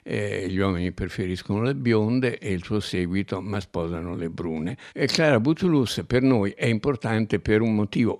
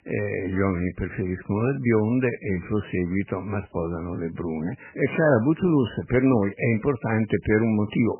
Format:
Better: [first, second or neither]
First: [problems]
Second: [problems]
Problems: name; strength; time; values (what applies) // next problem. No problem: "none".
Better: first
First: none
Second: garbled, watery; badly; nothing above 3 kHz